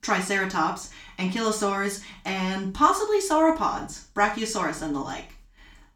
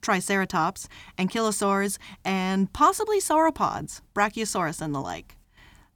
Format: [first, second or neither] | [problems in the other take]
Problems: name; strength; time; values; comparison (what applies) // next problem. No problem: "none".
second | room echo; slight; dies away in 0.3 s // off-mic speech; far